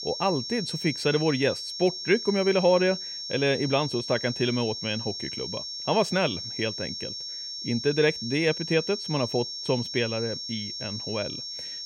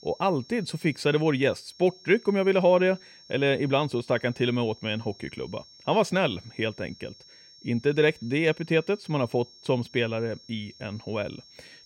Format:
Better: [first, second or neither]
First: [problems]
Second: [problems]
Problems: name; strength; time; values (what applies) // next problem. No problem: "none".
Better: second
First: high-pitched whine; loud; throughout; 5.5 kHz, 6 dB below the speech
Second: high-pitched whine; faint; throughout; 5.5 kHz, 25 dB below the speech